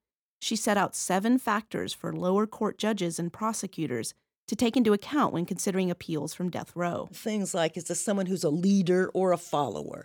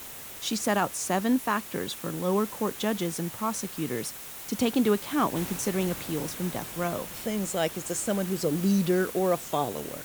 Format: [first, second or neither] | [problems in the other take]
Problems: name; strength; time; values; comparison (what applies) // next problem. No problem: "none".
first | hiss; loud; throughout; 9 dB below the speech